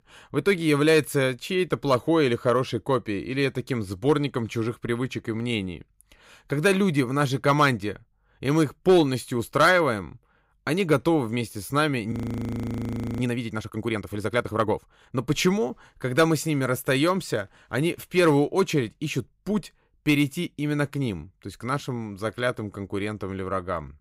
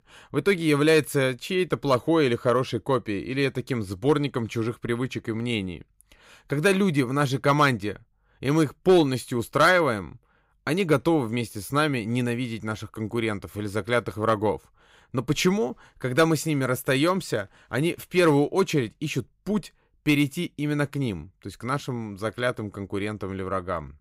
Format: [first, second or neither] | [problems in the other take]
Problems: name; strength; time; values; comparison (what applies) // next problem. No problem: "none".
second | audio freezing; at 12 s for 1 s